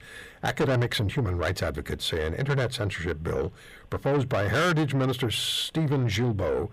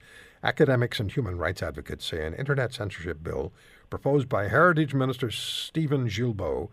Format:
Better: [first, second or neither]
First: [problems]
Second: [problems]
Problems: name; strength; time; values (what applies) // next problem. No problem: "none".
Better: second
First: distortion; heavy; 6 dB below the speech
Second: none